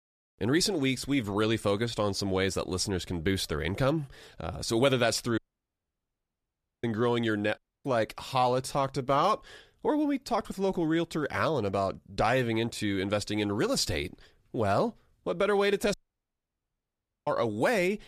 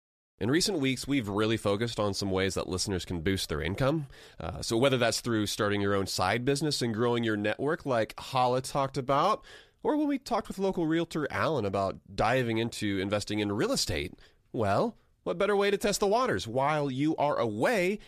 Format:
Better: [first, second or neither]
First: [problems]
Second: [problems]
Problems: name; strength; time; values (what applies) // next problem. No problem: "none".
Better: second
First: audio cutting out; at 5.5 s for 1.5 s, at 7.5 s and at 16 s for 1.5 s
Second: none